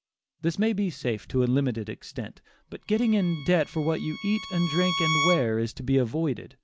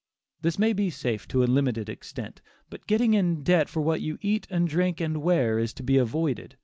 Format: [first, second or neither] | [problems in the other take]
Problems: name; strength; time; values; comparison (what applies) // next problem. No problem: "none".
second | background sound (Bowed string instrument); 7 dB below the speech